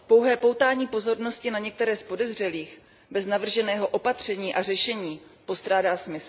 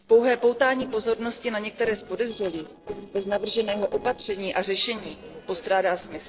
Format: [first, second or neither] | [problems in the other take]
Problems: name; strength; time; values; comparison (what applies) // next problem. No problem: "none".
first | noise reduction (neural separator model SepFormer DNS4)